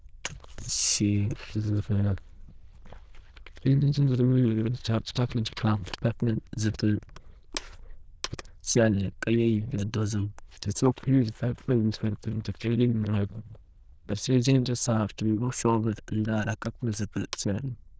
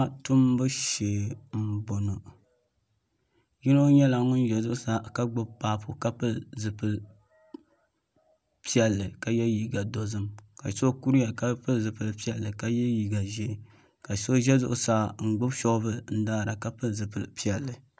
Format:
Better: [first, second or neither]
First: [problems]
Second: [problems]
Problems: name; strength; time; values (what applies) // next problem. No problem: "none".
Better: second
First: noise reduction (neural diffusion model UNIVERSE++)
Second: none